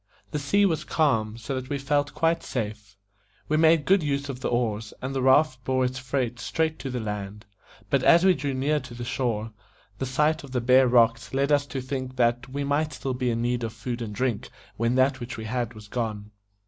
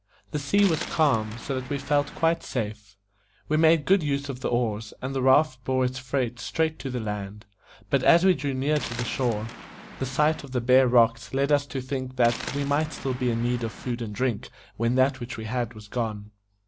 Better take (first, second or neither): first